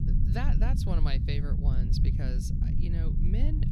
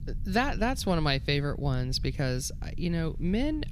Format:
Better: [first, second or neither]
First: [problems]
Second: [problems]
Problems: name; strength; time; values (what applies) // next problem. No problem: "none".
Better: second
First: low rumble; loud; throughout; 1 dB below the speech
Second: low rumble; faint; throughout; 25 dB below the speech